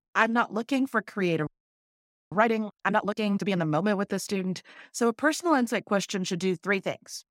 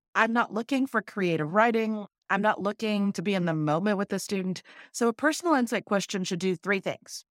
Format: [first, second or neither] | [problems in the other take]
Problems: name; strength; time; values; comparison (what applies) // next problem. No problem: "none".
second | audio freezing; at 1.5 s for 1 s